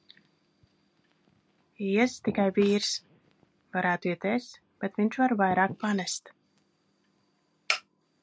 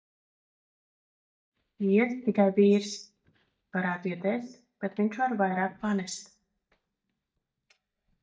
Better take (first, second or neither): first